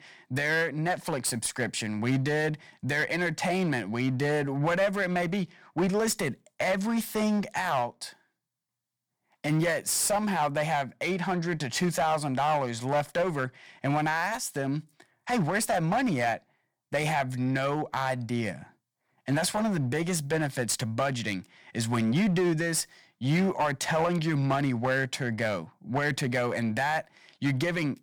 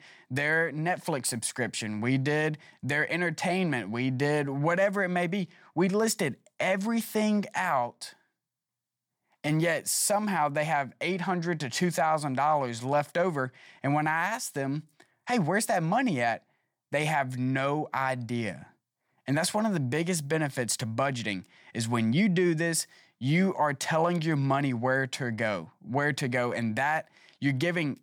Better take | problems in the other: second | distortion; slight; 8% of the sound clipped

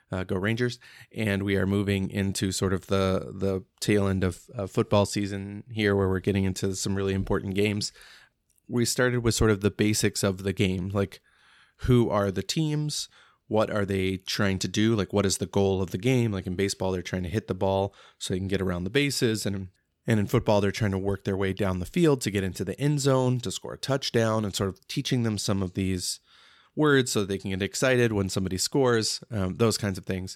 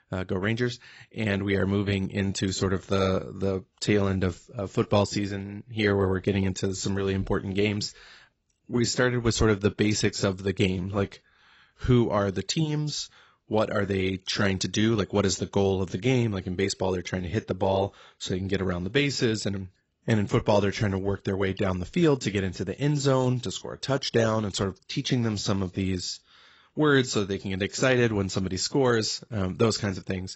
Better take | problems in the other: first | garbled, watery; badly; nothing above 8 kHz

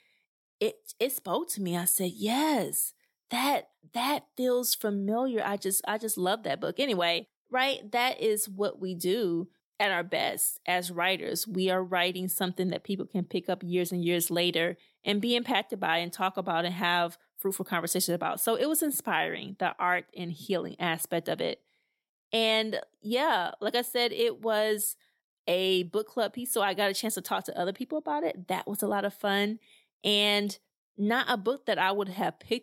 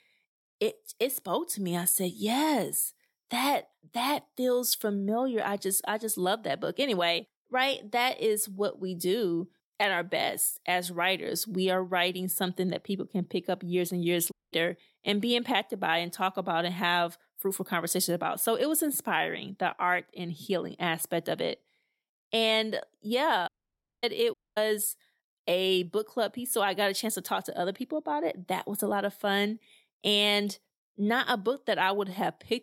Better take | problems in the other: first | audio cutting out; at 14 s, at 23 s for 0.5 s and at 24 s

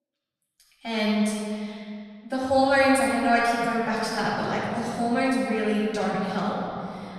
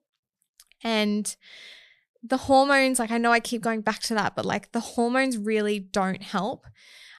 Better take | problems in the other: second | off-mic speech; far // room echo; strong; dies away in 2.4 s

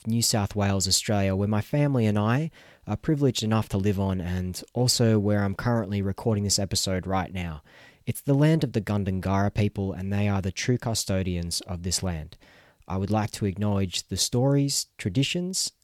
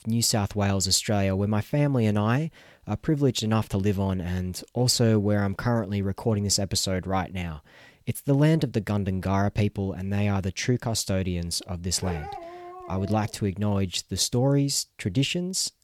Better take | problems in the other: first | dog barking; faint; from 12 to 13 s; peak 10 dB below the speech

